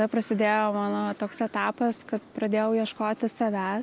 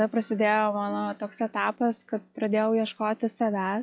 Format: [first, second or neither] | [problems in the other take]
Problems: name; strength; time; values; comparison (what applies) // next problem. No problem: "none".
first | noise reduction (classical method log-MMSE)